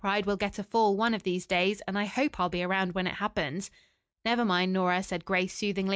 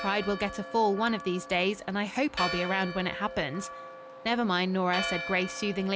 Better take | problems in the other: first | background sound (Church bell); 9 dB below the speech

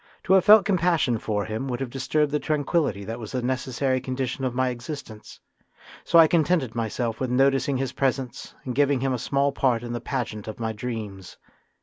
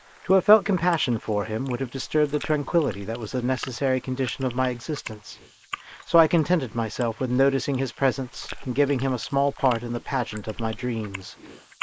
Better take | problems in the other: first | noise reduction (neural mask model Resemble Enhance denoiser)

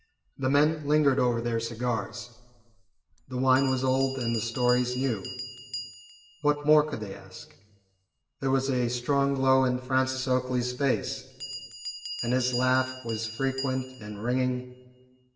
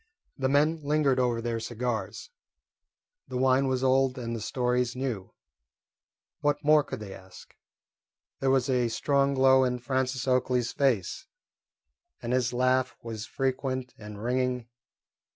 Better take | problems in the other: second | background sound (Bell); 15 dB below the speech // room echo; dies away in 1.1 s

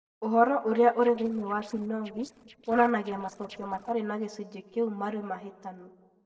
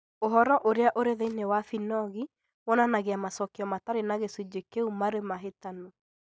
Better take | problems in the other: second | noise reduction (neural separator model SepFormer DNS4)

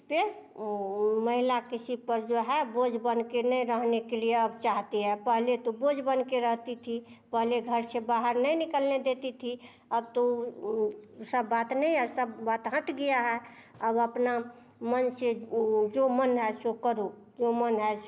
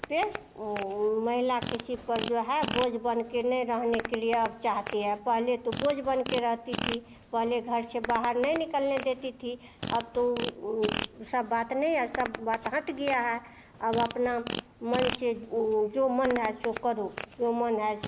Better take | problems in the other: first | background sound (Fart); 10 dB below the speech

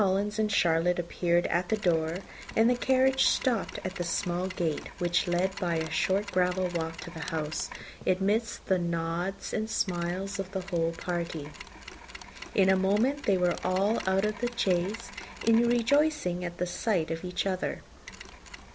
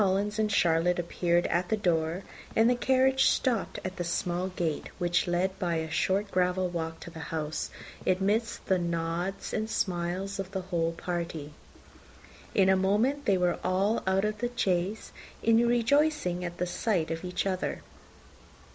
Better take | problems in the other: second | background sound (Mechanisms); 17 dB below the speech

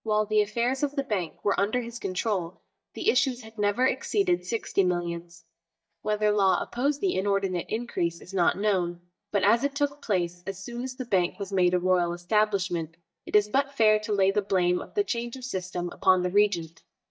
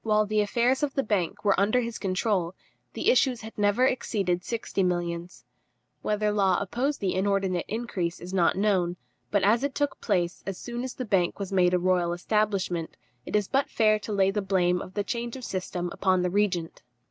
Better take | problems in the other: second | noise reduction (neural mask model DeepFilterNet 3)

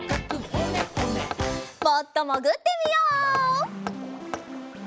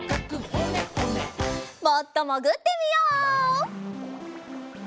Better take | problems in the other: second | background sound (Hammer); 14 dB below the speech

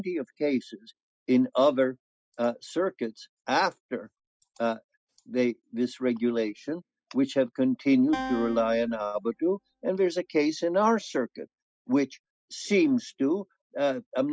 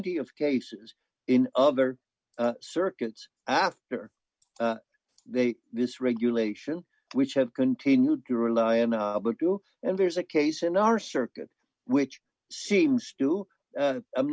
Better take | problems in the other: second | noise reduction (classical method spectral subtraction)

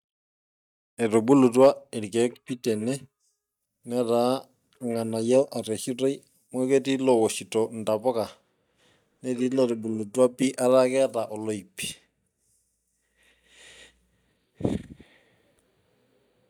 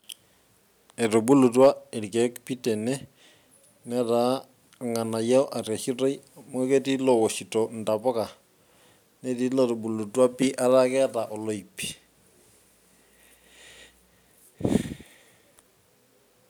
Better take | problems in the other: second | noise reduction (neural mask model DeepFilterNet 3)

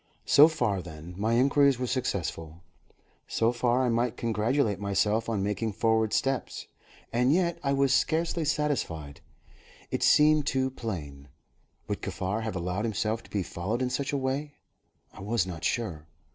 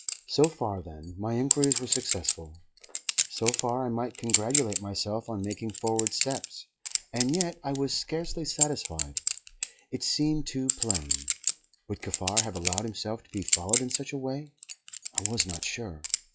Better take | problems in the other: first | noise reduction (classical method log-MMSE)

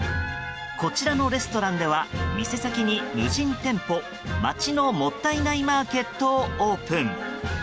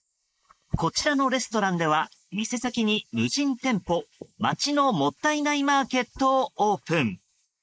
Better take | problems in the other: first | noise reduction (neural mask model Resemble Enhance denoiser)

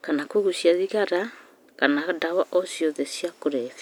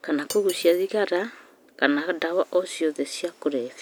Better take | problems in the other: first | background sound (Cutlery, silverware); 18 dB below the speech

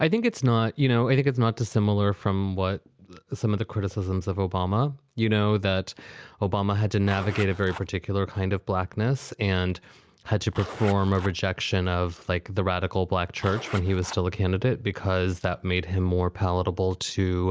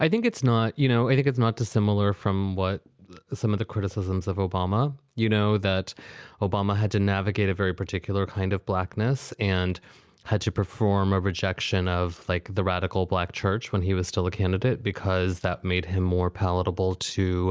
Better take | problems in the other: second | background sound (Zipper (clothing)); 14 dB below the speech

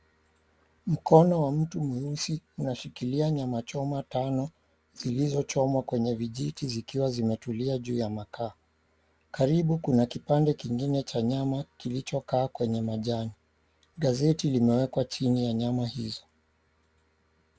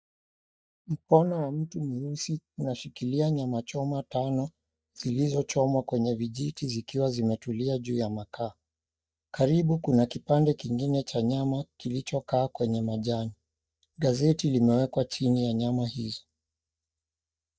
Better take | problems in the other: first | noise reduction (neural mask model DeepFilterNet 3)

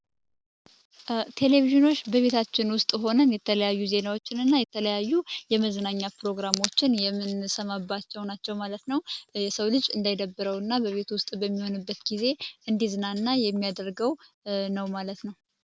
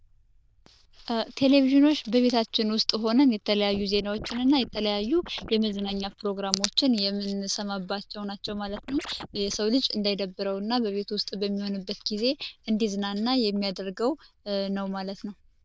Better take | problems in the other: first | noise reduction (neural diffusion model UNIVERSE++)

